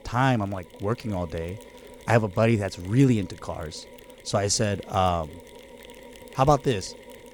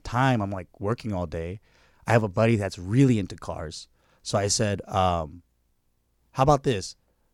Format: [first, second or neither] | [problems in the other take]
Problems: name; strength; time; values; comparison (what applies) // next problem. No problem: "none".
second | machinery noise; faint; throughout; 20 dB below the speech